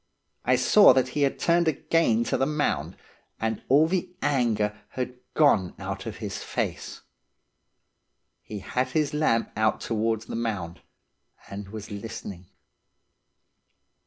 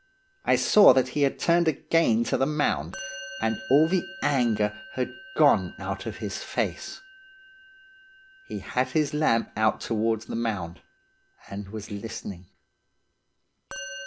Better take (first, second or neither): first